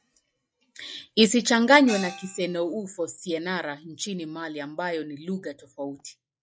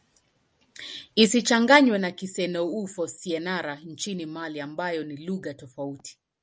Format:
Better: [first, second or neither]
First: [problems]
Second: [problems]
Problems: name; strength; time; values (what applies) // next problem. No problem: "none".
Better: second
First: noise reduction (classical method log-MMSE)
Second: none